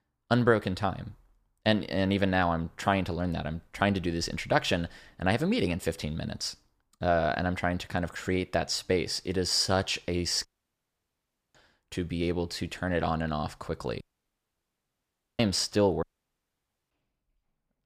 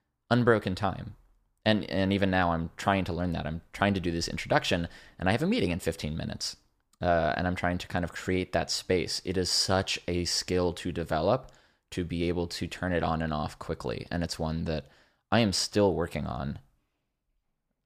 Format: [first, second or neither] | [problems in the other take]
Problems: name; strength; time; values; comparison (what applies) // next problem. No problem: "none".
second | audio cutting out; at 10 s for 1 s, at 14 s for 1.5 s and at 16 s for 1 s